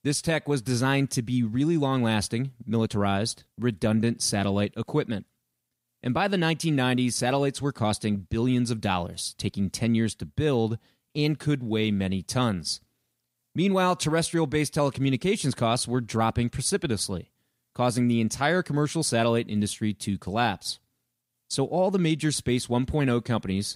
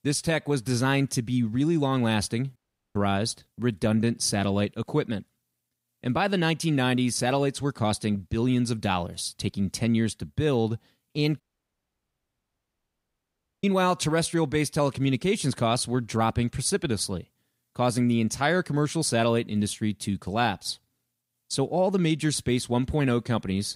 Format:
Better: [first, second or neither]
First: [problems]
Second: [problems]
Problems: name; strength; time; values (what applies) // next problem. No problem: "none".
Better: first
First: none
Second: audio cutting out; at 2.5 s and at 11 s for 2 s